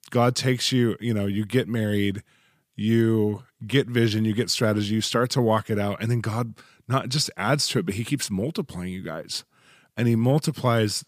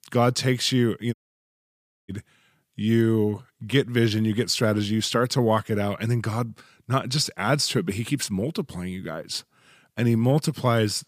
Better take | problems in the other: first | audio cutting out; at 1 s for 1 s

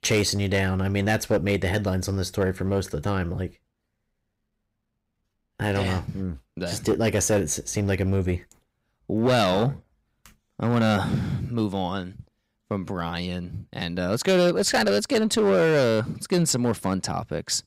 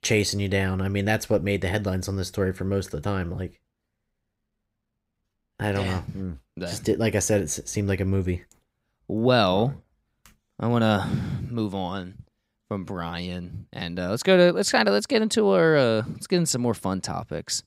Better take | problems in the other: second | distortion; slight; 6% of the sound clipped

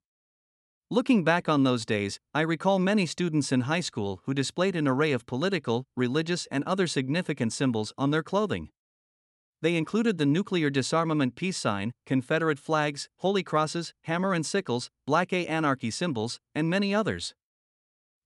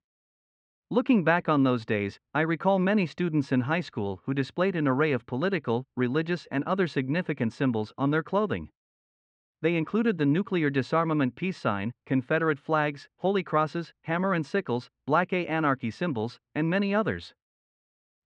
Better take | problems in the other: first | muffled; slightly; fading above 2 kHz

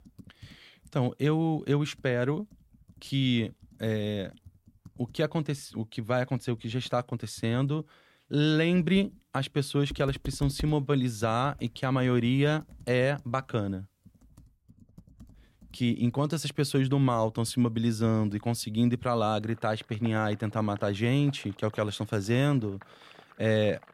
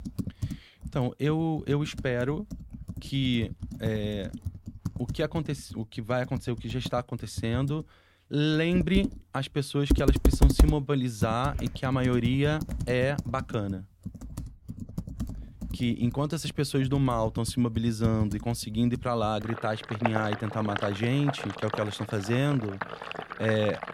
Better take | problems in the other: first | household noises; loud; throughout; 6 dB below the speech; faint in the first

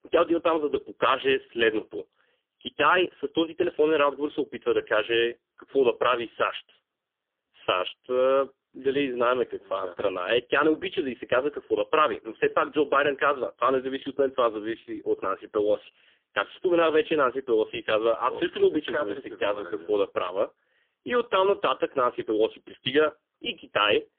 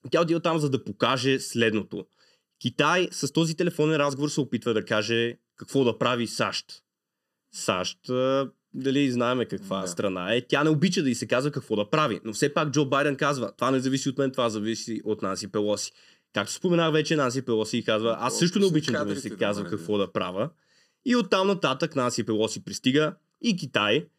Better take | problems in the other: second | phone-call audio; poor line; nothing above 3.5 kHz

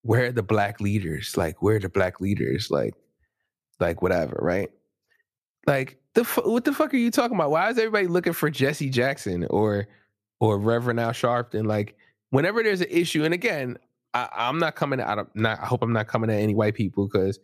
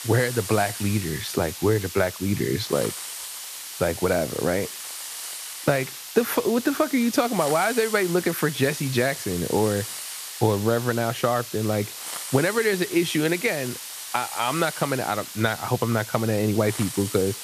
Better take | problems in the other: first | hiss; loud; throughout; 9 dB below the speech

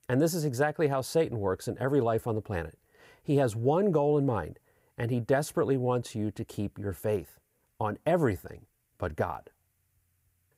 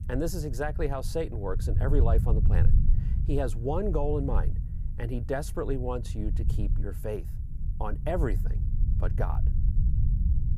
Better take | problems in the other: first | low rumble; noticeable; throughout; 10 dB below the speech

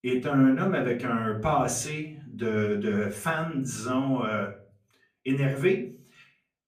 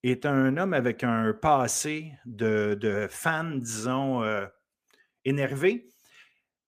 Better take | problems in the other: second | off-mic speech; far // room echo; very slight; dies away in 0.4 s

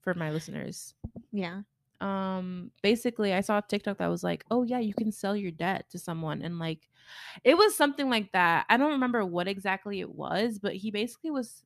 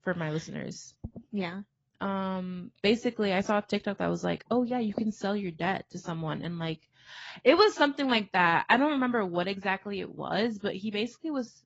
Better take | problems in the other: first | garbled, watery; badly; nothing above 7.5 kHz

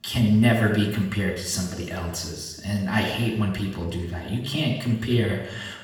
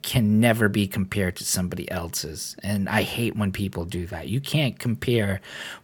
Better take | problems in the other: second | room echo; noticeable; dies away in 0.9 s // off-mic speech; far

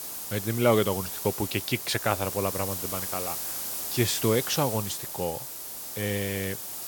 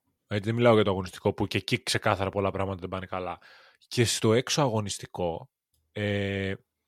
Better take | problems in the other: second | hiss; loud; throughout; 3 dB below the speech

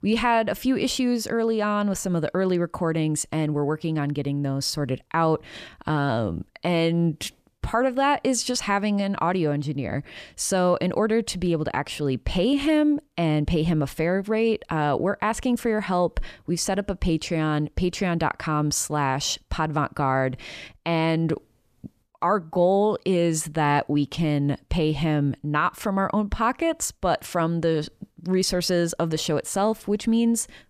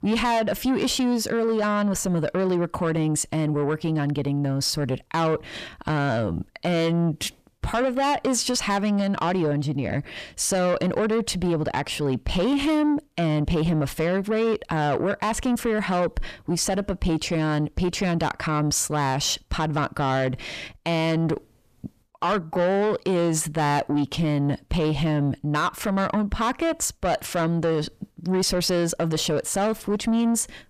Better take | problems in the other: first | distortion; slight; 10 dB below the speech

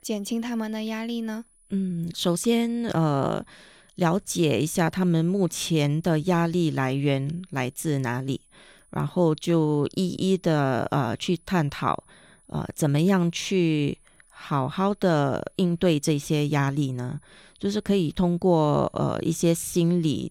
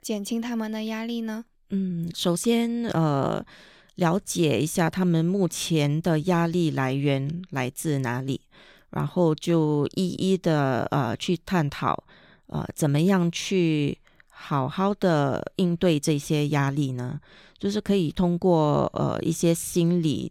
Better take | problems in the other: second | high-pitched whine; faint; throughout; 10 kHz, 35 dB below the speech

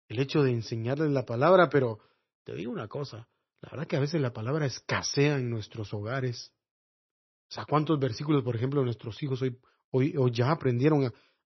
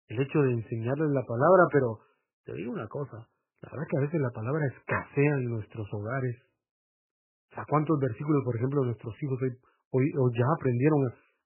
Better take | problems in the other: first | garbled, watery; badly; nothing above 2.5 kHz; slightly in the first

